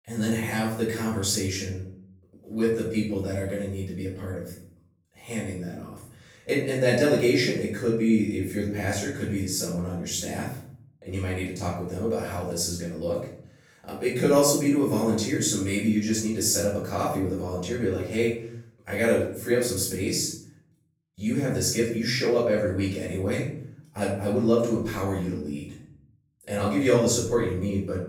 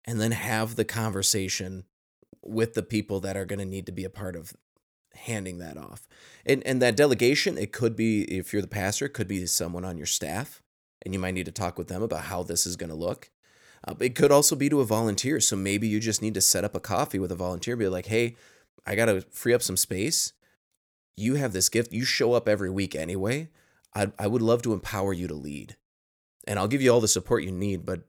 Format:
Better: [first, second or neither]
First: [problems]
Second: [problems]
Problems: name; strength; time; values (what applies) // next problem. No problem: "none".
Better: second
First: off-mic speech; far // room echo; noticeable; dies away in 0.6 s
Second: none